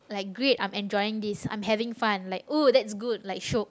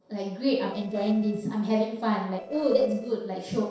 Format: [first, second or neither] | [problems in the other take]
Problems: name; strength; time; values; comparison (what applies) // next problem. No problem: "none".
first | noise reduction (neural separator model SepFormer DNS4)